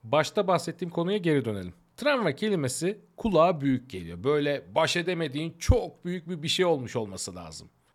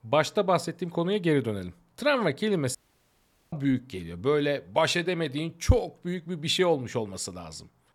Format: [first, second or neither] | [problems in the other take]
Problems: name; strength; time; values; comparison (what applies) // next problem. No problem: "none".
first | audio cutting out; at 3 s for 1 s